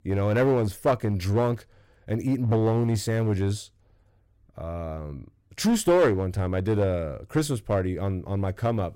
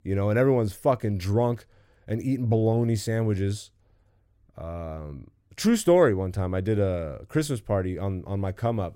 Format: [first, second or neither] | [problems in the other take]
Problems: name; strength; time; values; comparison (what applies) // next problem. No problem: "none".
second | distortion; slight; 5% of the sound clipped